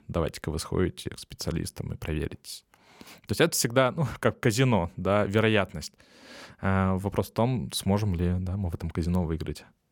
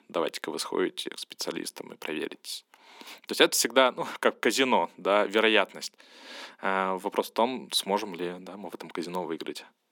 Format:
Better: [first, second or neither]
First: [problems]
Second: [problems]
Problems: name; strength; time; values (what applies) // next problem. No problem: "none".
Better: first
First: none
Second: thin; somewhat; fading below 250 Hz